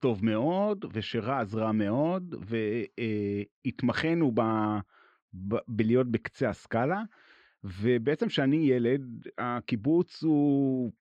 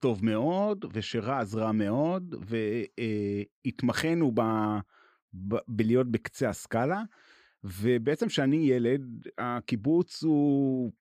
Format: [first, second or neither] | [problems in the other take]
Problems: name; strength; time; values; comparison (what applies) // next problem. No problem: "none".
second | muffled; very slightly; fading above 3.5 kHz